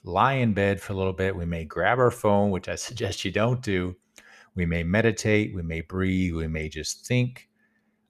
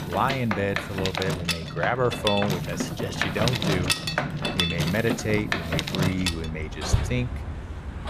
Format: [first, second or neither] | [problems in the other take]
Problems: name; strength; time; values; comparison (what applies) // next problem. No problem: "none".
first | machinery noise; very loud; throughout; as loud as the speech